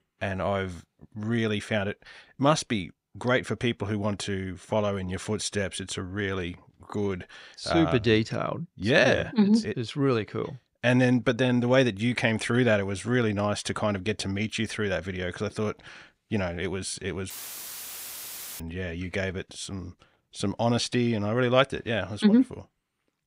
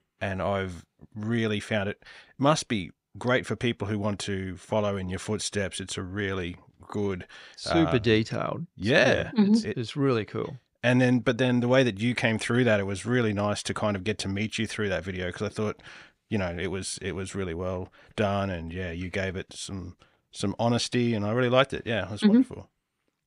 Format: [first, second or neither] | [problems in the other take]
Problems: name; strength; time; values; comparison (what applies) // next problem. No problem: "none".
second | audio cutting out; filled with static; at 17 s for 1.5 s